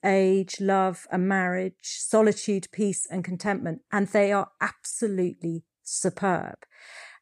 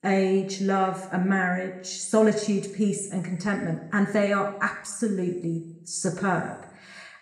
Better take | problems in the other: first | room echo; slight; dies away in 0.8 s

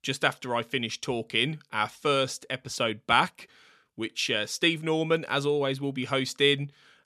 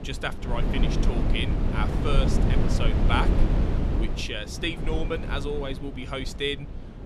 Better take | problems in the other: first | wind noise on the microphone; heavy; 4 dB below the speech

